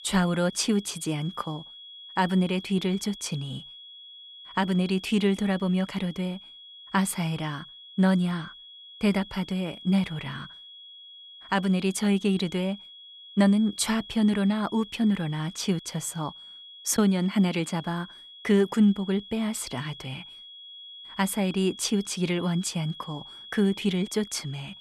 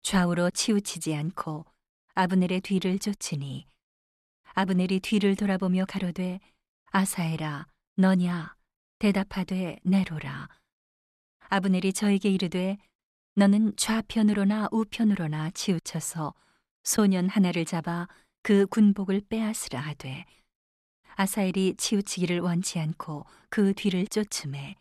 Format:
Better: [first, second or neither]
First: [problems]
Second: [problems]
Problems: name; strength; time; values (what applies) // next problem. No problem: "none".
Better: second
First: high-pitched whine; noticeable; throughout; 3.5 kHz, 15 dB below the speech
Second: none